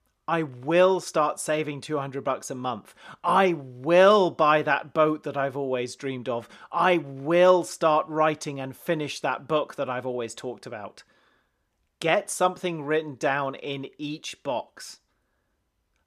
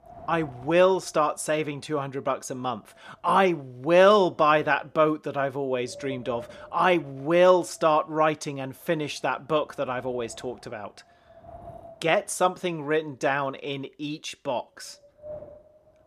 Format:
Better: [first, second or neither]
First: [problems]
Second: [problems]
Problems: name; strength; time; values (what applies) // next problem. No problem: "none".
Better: first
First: none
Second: wind noise on the microphone; occasional gusts; 25 dB below the speech